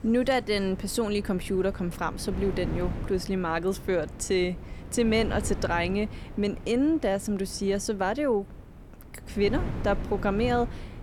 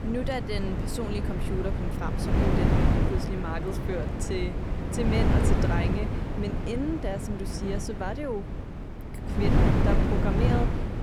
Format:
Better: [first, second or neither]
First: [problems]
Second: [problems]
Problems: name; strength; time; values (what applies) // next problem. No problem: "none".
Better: first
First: wind noise on the microphone; occasional gusts; 15 dB below the speech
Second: wind noise on the microphone; heavy; 1 dB above the speech